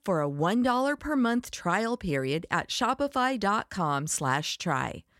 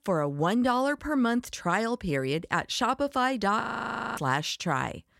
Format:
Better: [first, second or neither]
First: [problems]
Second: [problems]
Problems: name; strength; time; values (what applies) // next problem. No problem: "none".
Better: first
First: none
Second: audio freezing; at 3.5 s for 0.5 s